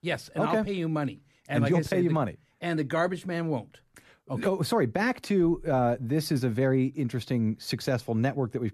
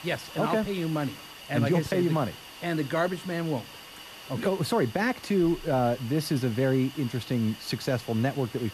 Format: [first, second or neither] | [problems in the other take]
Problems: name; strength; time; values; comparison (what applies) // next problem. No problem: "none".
first | hiss; noticeable; throughout; 15 dB below the speech